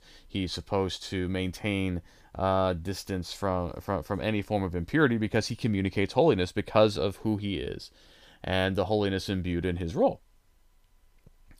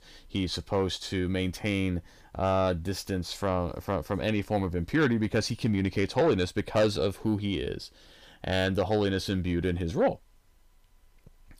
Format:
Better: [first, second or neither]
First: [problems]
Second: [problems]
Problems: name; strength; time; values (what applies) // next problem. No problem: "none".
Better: first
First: none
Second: distortion; slight; 10 dB below the speech